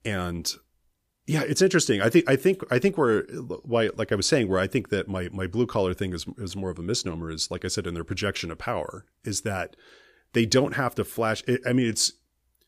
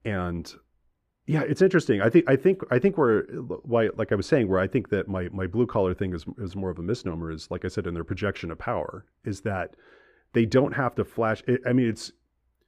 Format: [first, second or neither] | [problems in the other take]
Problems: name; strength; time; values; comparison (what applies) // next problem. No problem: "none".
first | muffled; very; fading above 3 kHz